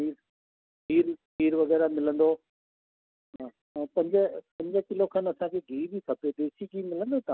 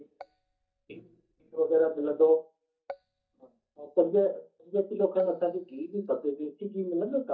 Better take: first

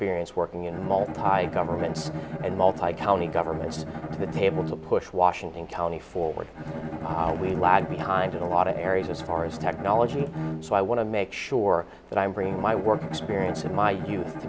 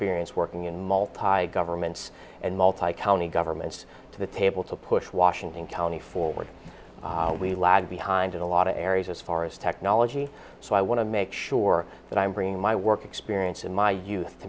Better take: second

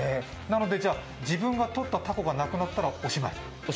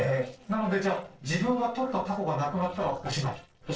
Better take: first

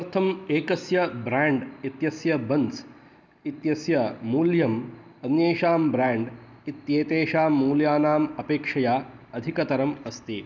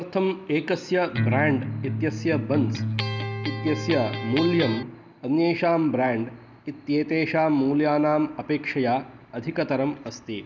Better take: first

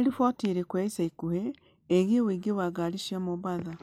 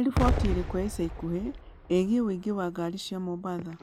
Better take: first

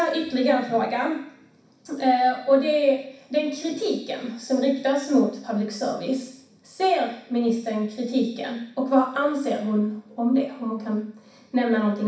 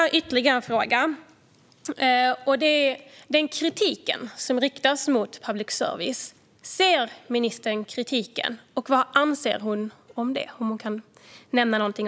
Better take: second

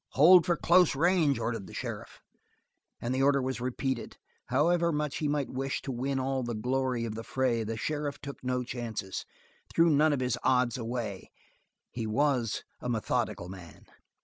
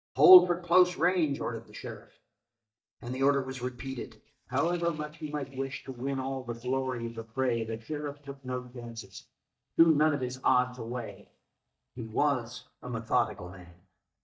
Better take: first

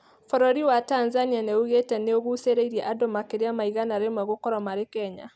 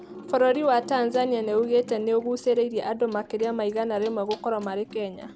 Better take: first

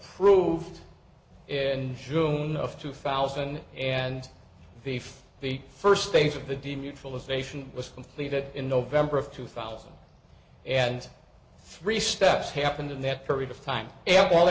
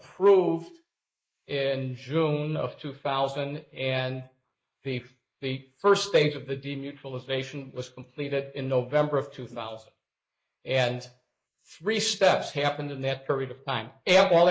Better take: first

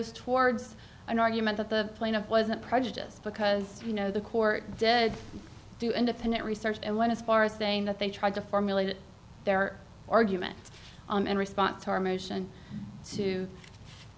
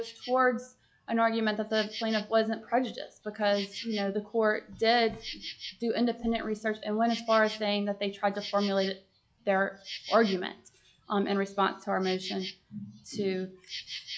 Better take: first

